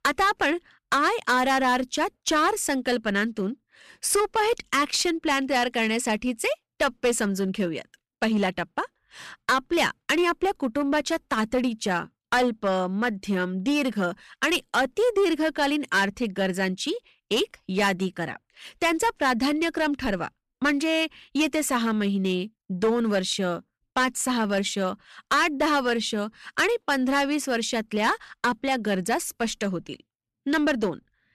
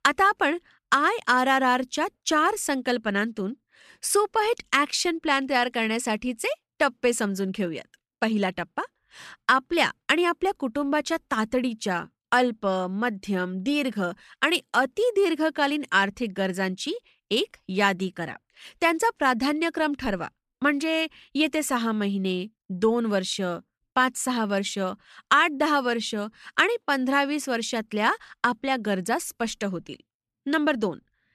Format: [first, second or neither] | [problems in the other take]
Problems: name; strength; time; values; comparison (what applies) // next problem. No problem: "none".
second | distortion; slight; 6% of the sound clipped